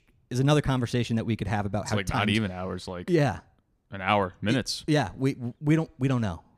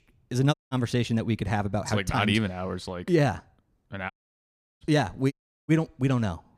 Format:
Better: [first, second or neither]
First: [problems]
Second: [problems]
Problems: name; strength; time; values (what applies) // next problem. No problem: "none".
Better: first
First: none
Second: audio cutting out; at 0.5 s, at 4 s for 0.5 s and at 5.5 s